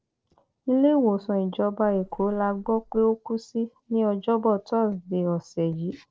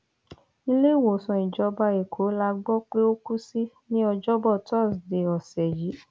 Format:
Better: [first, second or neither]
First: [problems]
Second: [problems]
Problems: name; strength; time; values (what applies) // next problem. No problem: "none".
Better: second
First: noise reduction (neural separator model SepFormer DNS4)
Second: none